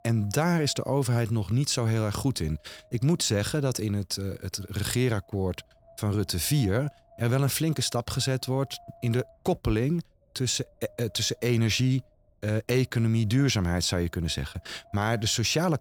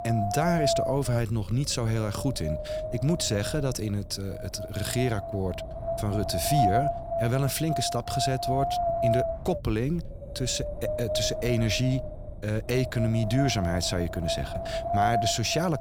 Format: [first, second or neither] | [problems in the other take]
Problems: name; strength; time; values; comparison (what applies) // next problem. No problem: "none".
first | wind noise on the microphone; heavy; 2 dB above the speech; occasional gusts in the first